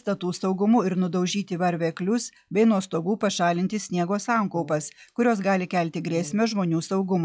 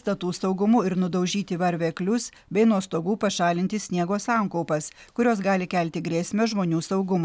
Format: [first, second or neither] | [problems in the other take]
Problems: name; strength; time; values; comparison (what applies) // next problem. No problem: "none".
second | noise reduction (classical method log-MMSE)